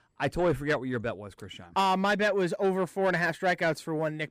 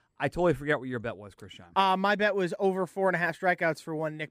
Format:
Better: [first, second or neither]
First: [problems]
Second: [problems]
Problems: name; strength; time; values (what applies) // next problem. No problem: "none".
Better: second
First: distortion; slight; 10 dB below the speech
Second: none